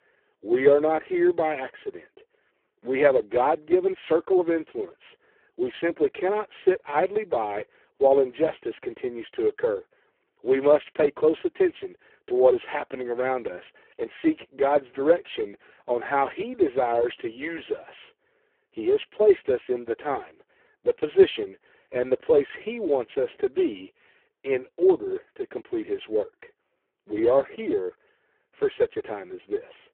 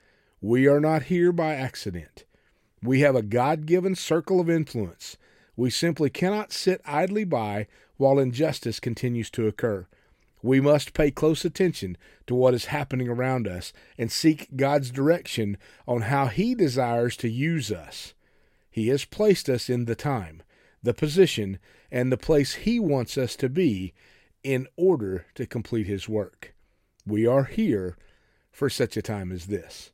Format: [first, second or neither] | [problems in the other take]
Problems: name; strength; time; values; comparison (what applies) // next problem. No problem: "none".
second | phone-call audio; poor line